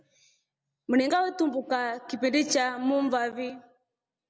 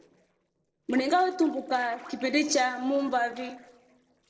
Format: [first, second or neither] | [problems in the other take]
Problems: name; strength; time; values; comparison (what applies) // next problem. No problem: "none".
first | noise reduction (neural separator model SepFormer DNS4)